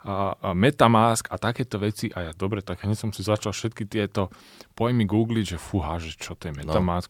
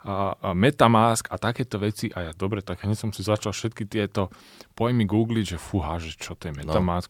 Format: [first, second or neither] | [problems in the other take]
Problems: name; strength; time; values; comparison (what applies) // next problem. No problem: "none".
neither | none